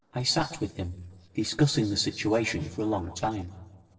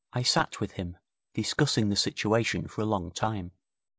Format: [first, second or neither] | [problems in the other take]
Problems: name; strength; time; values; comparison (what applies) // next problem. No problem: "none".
second | noise reduction (neural separator model SepFormer DNS4)